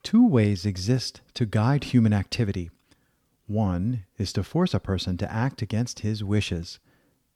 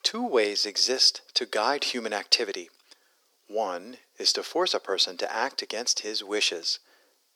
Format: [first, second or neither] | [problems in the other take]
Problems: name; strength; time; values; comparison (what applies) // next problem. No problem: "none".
first | thin; very; fading below 400 Hz